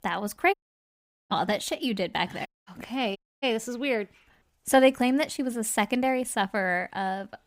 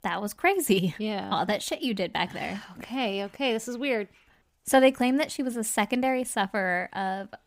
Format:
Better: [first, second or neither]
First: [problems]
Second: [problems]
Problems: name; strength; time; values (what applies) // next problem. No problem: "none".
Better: second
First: audio cutting out; at 0.5 s for 1 s, at 2.5 s and at 3 s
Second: none